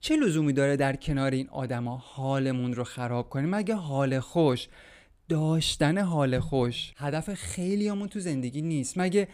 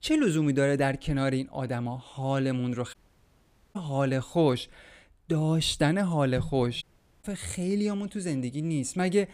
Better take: first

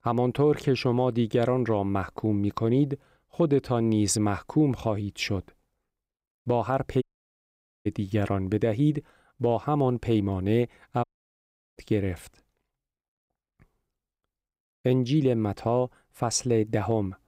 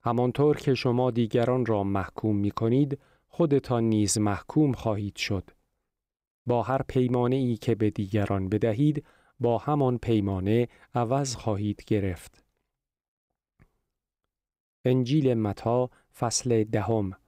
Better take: second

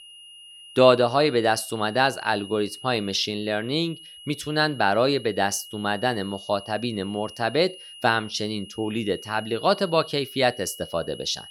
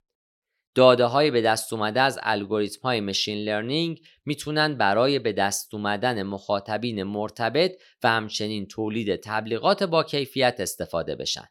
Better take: second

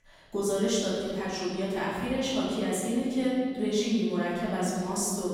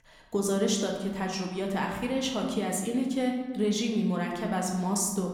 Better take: second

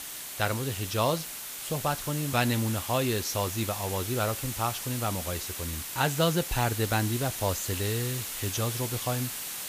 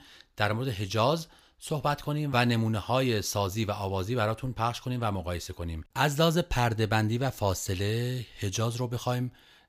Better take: second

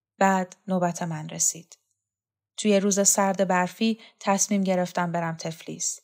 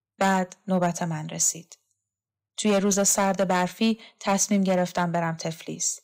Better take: first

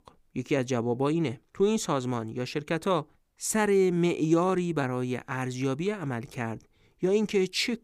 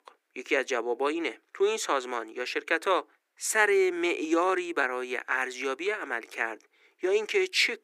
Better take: first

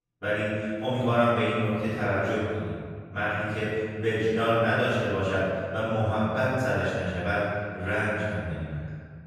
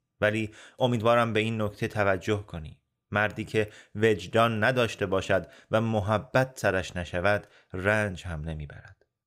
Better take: second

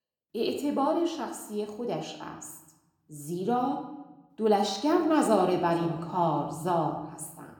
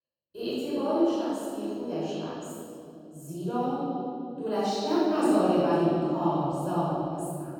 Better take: first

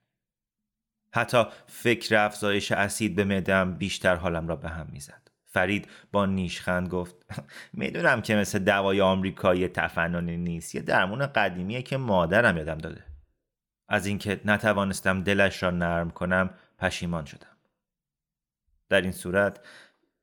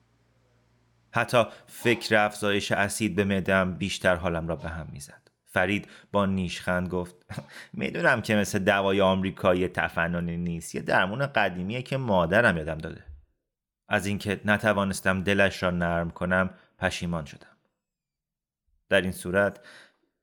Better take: first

